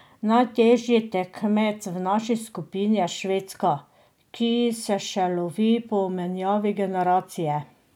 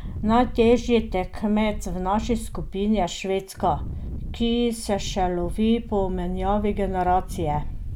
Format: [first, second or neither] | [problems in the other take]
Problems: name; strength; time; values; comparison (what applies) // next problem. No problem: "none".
first | background sound (Wind); 7 dB below the speech